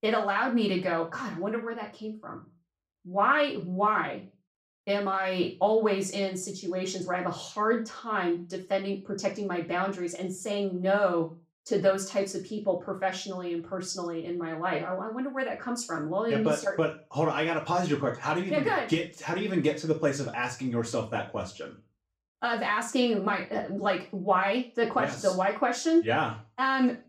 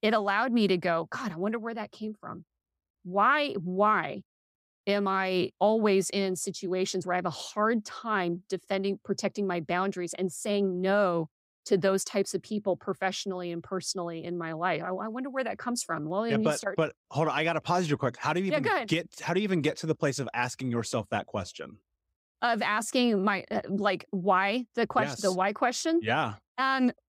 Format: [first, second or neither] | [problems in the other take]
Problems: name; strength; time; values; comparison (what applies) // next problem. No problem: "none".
second | room echo; slight; dies away in 0.3 s // off-mic speech; far